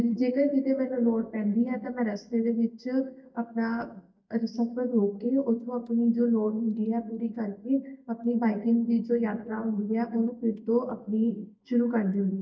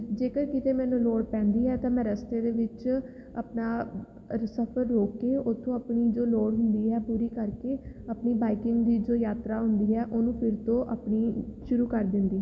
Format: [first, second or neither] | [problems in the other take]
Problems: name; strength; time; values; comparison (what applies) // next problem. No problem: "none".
second | noise reduction (neural mask model DeepFilterNet 3)